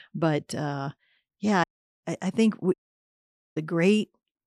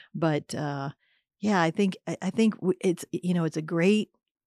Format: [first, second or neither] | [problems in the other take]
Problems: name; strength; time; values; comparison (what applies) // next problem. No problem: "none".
second | audio cutting out; at 1.5 s and at 2.5 s for 1 s